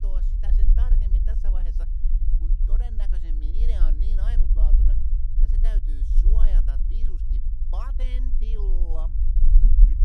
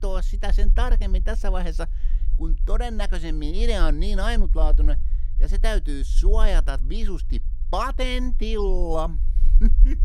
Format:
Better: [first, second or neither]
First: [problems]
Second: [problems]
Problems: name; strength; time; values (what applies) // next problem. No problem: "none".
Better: second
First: low rumble; loud; throughout; 2 dB below the speech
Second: low rumble; faint; throughout; 20 dB below the speech